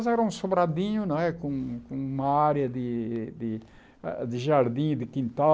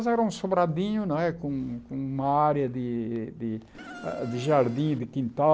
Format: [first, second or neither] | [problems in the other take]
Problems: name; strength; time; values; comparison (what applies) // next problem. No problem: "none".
first | background sound (Insect); 16 dB below the speech